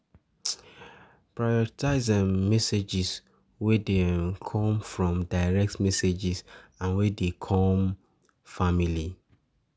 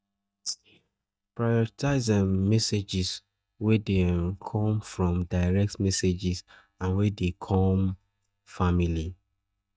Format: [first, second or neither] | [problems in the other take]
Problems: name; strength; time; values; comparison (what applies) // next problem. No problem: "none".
first | noise reduction (neural mask model DeepFilterNet 3)